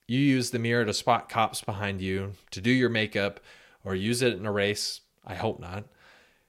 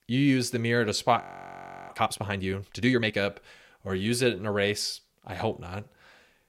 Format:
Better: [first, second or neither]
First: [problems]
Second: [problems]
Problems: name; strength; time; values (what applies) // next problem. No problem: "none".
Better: first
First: none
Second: audio freezing; at 1 s for 0.5 s